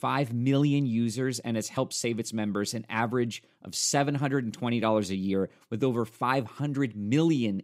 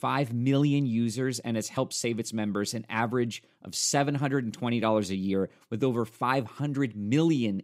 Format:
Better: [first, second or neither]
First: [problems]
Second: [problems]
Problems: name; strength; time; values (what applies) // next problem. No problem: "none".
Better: neither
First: none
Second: none